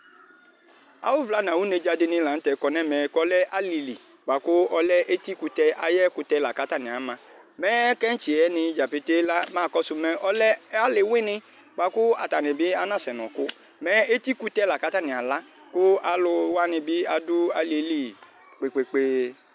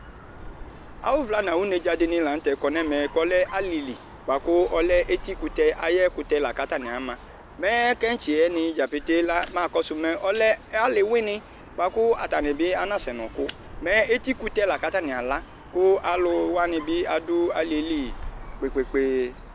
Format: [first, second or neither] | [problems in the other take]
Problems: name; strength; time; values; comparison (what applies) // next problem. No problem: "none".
first | background sound (Dog); 16 dB below the speech